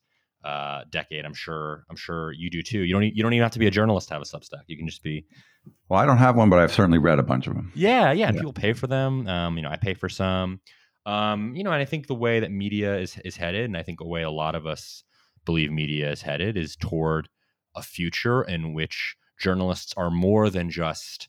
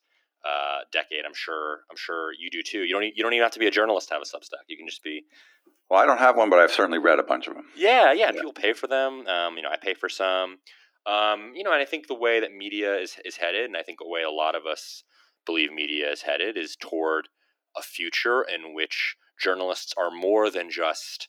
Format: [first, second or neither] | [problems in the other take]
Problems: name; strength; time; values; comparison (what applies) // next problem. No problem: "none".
first | thin; very; fading below 300 Hz